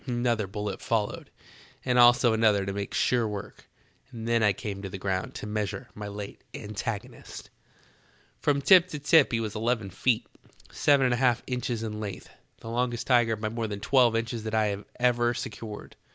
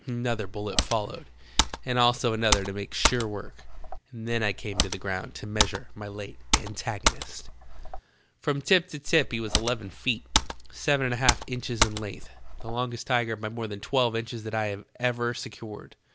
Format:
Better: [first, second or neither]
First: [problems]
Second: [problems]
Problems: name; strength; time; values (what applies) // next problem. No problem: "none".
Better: first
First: none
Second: background sound (Computer keyboard); as loud as the speech